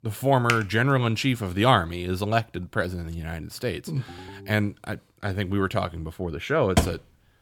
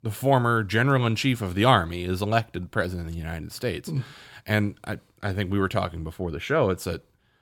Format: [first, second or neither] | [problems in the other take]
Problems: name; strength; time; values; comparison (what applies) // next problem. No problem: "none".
second | keyboard typing; noticeable; at 0.5 s; peak 4 dB below the speech // phone ringing; faint; at 4 s; peak 20 dB below the speech // door banging; loud; at 7 s; peak level with the speech